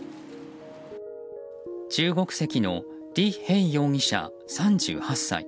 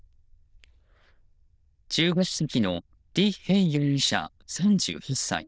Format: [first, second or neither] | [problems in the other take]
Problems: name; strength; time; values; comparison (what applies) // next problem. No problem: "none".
first | noise reduction (neural diffusion model UNIVERSE++)